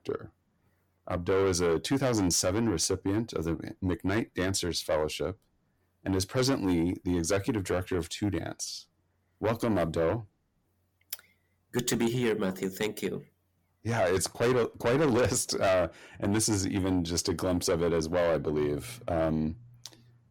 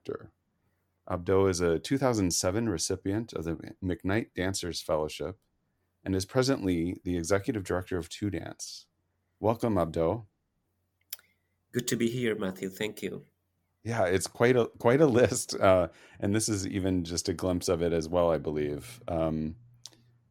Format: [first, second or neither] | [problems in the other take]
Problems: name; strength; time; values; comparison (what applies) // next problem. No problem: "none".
second | distortion; heavy; 7 dB below the speech